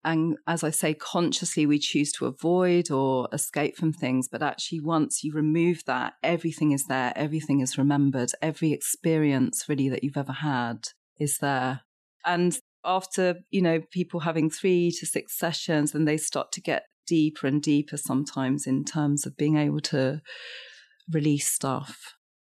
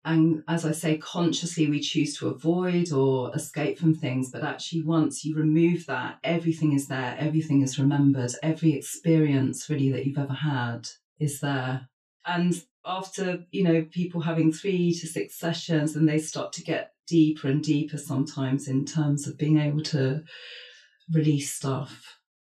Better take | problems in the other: first | room echo; very slight; dies away in 0.1 s // off-mic speech; far

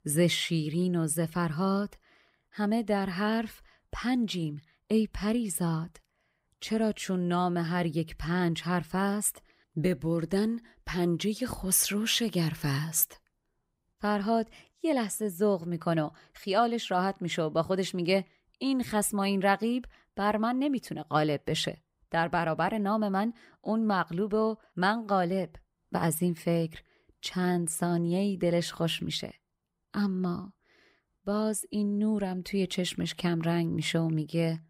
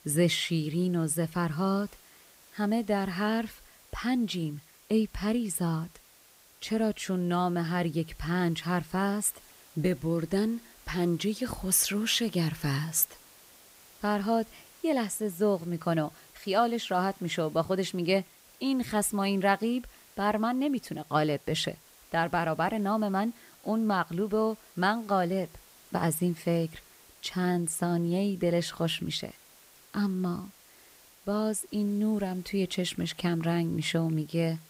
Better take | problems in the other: first | hiss; faint; throughout; 25 dB below the speech

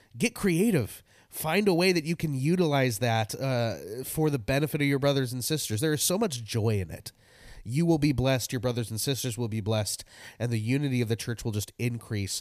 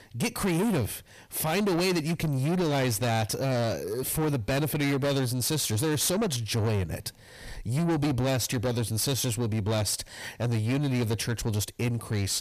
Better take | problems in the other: first | distortion; heavy; 7 dB below the speech

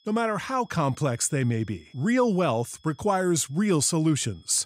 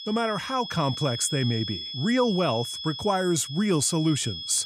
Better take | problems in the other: first | high-pitched whine; loud; throughout; 3.5 kHz, 7 dB below the speech; faint in the first

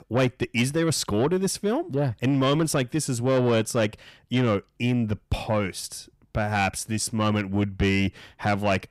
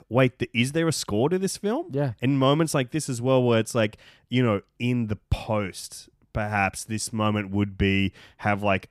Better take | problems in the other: second | distortion; slight; 10 dB below the speech

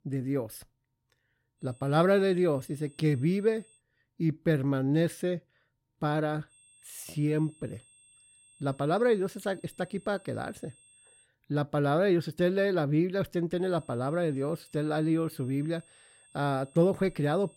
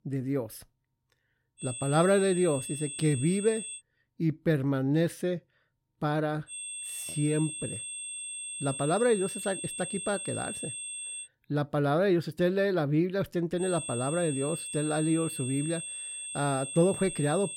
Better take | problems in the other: first | high-pitched whine; loud; from 1.5 to 4 s, from 6.5 to 11 s and from 14 s on; 8.5 kHz, 7 dB below the speech; faint in the first

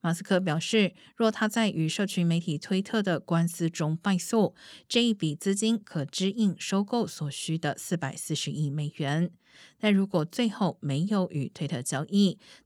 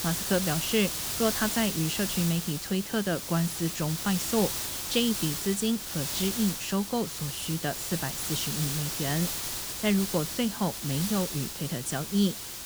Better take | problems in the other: first | hiss; loud; throughout; 2 dB below the speech

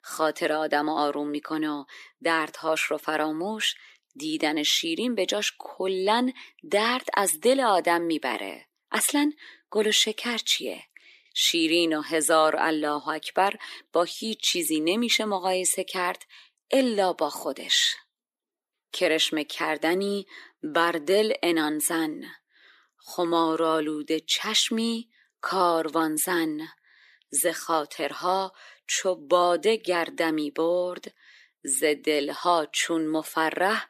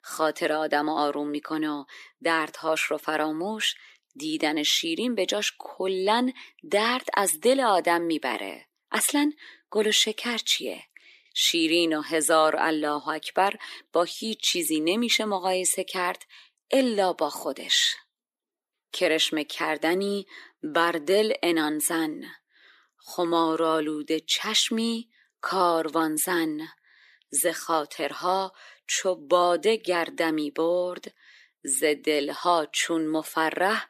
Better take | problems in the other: neither | thin; somewhat; fading below 300 Hz; the same in both

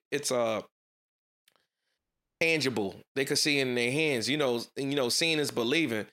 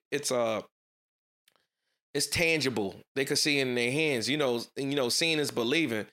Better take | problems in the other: second | audio cutting out; at 2 s

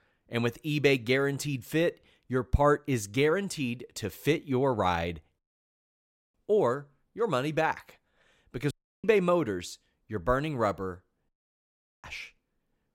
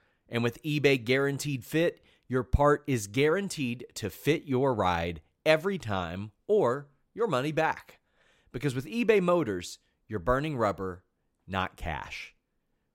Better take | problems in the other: second | audio cutting out; at 5.5 s for 1 s, at 8.5 s and at 11 s for 1 s

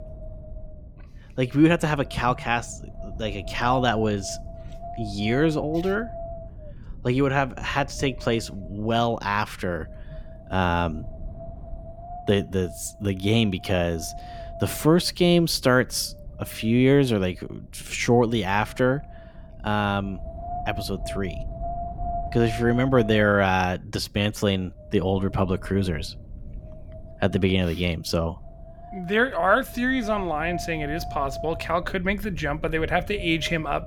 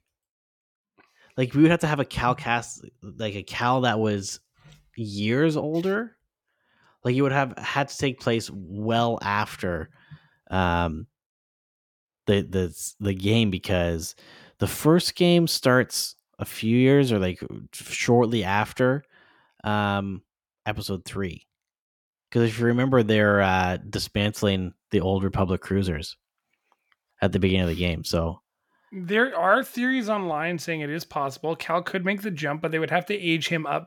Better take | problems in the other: second | wind noise on the microphone; occasional gusts; 15 dB below the speech

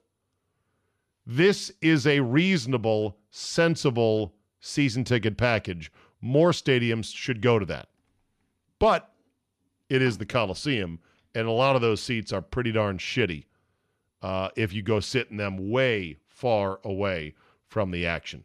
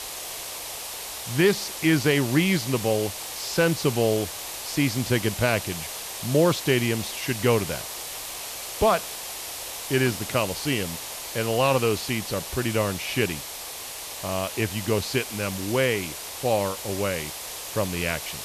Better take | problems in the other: first | hiss; loud; throughout; 7 dB below the speech

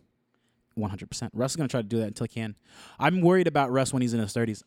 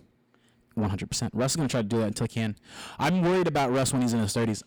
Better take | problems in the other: first | distortion; heavy; 6 dB below the speech

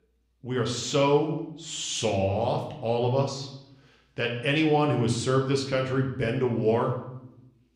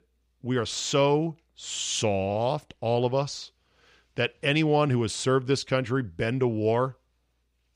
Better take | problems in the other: second | room echo; slight; dies away in 0.7 s // off-mic speech; somewhat distant

